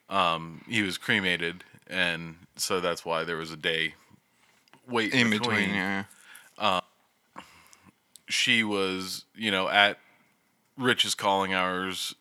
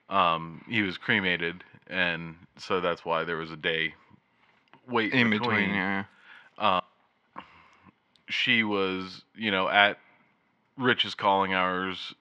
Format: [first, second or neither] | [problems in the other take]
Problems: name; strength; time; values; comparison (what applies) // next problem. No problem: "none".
first | muffled; slightly; fading above 3 kHz